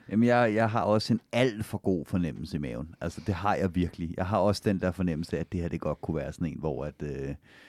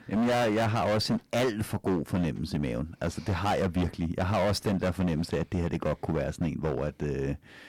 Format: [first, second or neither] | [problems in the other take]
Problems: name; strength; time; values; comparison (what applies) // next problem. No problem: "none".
first | distortion; heavy; 18% of the sound clipped